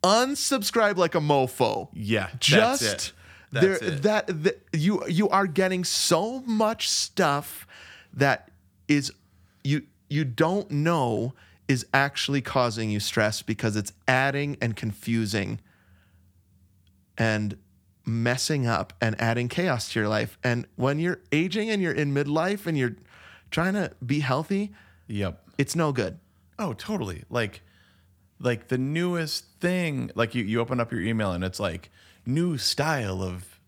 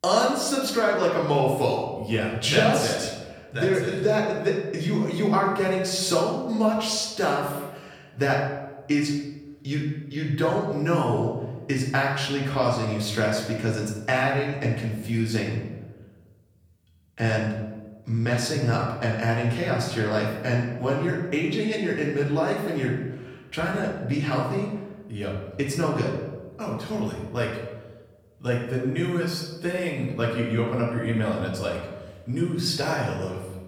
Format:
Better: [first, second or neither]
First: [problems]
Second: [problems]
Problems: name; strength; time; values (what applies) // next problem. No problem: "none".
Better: first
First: none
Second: room echo; noticeable; dies away in 1 s // off-mic speech; far